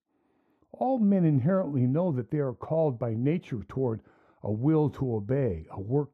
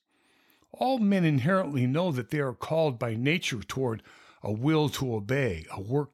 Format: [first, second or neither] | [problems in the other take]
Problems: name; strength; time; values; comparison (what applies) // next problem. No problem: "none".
second | muffled; very; fading above 1.5 kHz